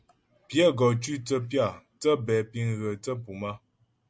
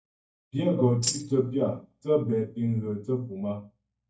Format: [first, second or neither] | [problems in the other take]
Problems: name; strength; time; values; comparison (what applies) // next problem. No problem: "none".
first | noise reduction (neural mask model DeepFilterNet 3)